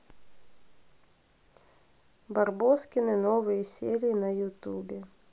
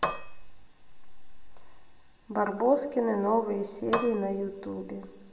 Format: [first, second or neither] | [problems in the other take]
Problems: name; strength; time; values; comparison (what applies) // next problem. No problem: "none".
first | background sound (Cutlery, silverware / Dishes, pots, and pans); 4 dB below the speech // room echo; dies away in 2.7 s